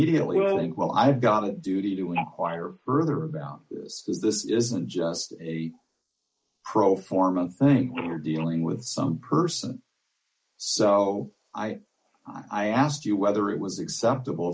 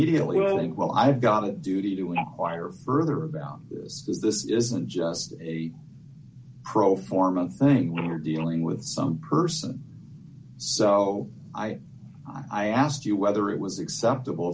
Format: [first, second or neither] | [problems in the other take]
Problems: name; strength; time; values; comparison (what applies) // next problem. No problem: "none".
second | noise reduction (neural mask model Resemble Enhance denoiser)